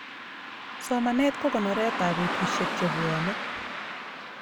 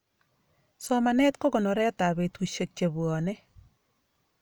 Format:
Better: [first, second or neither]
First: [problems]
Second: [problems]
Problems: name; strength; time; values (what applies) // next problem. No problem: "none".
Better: second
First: background sound (Car passing by); 3 dB below the speech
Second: none